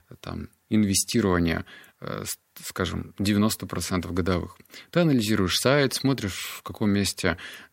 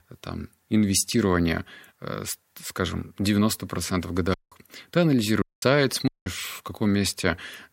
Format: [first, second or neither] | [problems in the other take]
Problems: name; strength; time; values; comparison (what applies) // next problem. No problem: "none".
first | audio cutting out; at 4.5 s, at 5.5 s and at 6 s